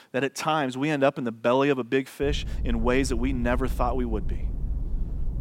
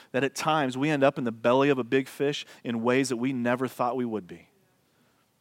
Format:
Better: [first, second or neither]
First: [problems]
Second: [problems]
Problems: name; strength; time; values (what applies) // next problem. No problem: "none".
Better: second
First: low rumble; faint; from 2 s on; 20 dB below the speech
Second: none